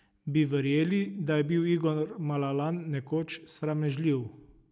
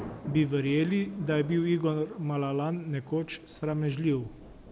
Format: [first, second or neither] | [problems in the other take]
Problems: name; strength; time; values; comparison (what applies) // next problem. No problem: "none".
first | background sound (Thunder / Rain); 17 dB below the speech